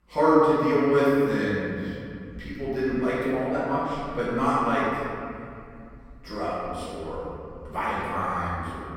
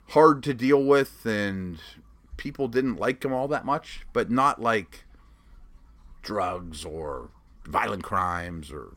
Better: second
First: room echo; strong; dies away in 2.8 s // off-mic speech; far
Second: none

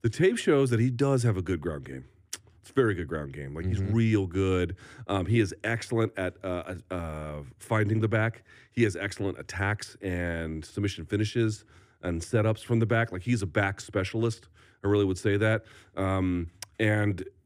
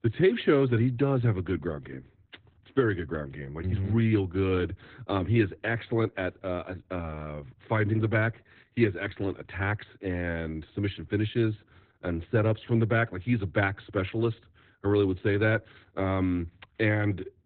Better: first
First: none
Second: garbled, watery; badly; nothing above 4 kHz

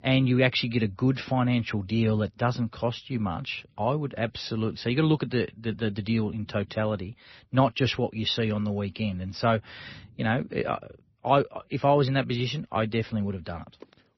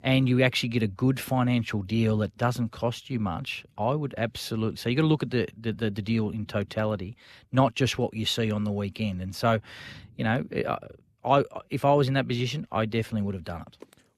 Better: second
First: garbled, watery; slightly; nothing above 5.5 kHz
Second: none

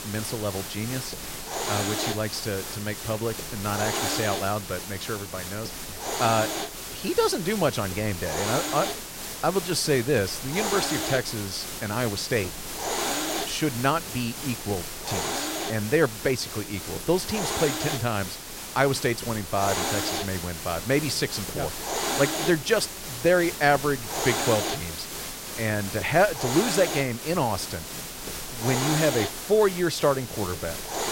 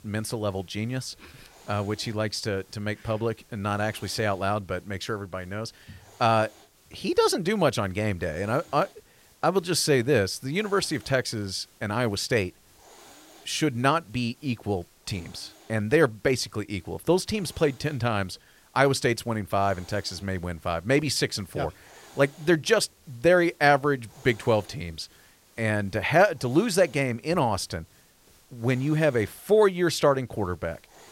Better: second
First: hiss; loud; throughout; 4 dB below the speech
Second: hiss; faint; throughout; 30 dB below the speech

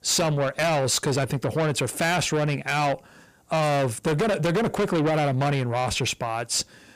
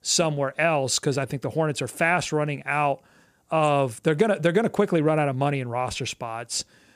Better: second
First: distortion; heavy; 6 dB below the speech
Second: none

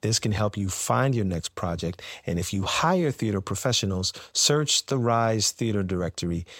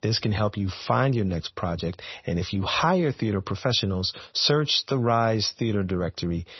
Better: first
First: none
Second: garbled, watery; slightly; nothing above 6 kHz

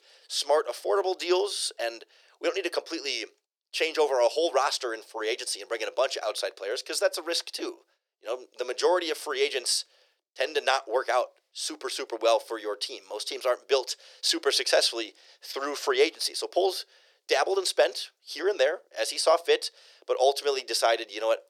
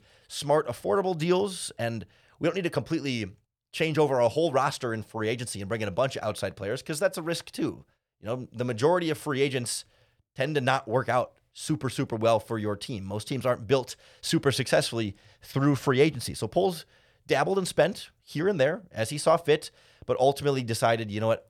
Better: second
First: thin; very; fading below 350 Hz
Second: none

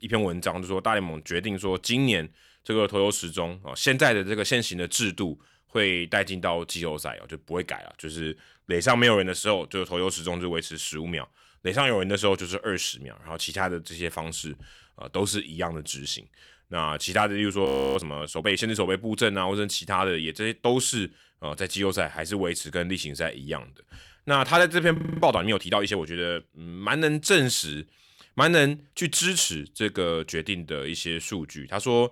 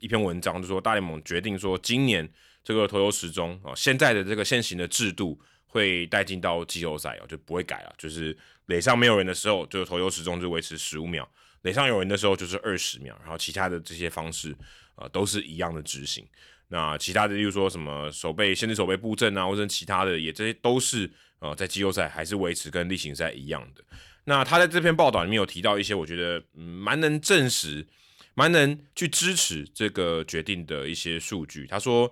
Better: second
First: audio freezing; at 18 s and at 25 s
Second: none

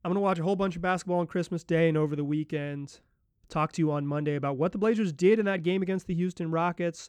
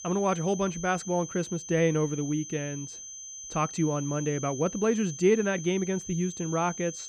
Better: first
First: none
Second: high-pitched whine; noticeable; throughout; 6 kHz, 10 dB below the speech

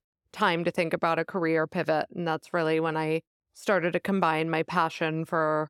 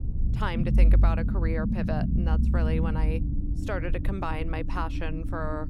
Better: first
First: none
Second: low rumble; loud; throughout; 6 dB below the speech

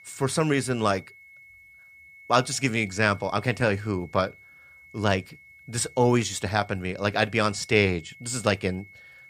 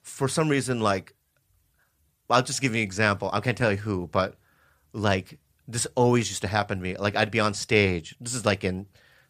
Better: second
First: high-pitched whine; faint; throughout; 2 kHz, 25 dB below the speech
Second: none

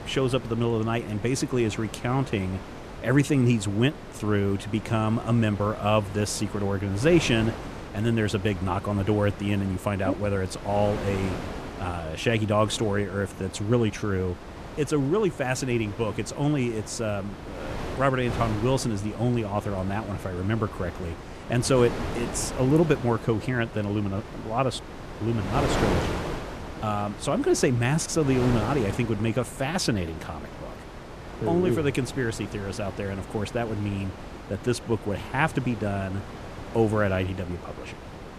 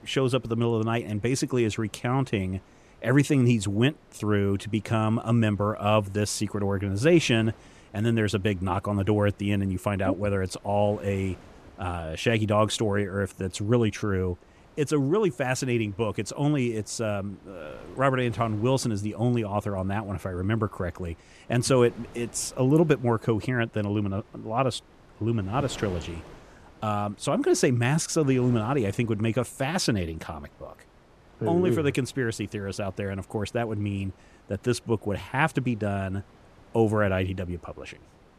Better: second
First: wind noise on the microphone; heavy; 10 dB below the speech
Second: wind noise on the microphone; occasional gusts; 25 dB below the speech

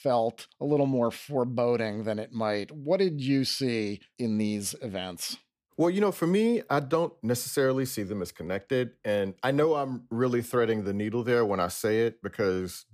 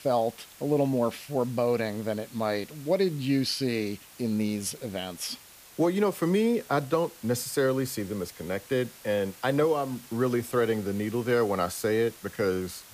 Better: first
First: none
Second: hiss; noticeable; throughout; 20 dB below the speech

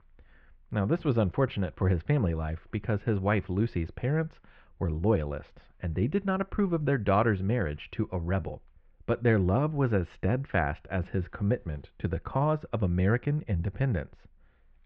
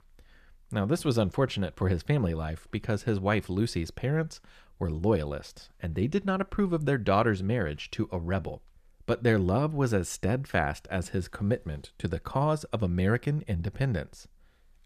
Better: second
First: muffled; very; fading above 2.5 kHz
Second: none

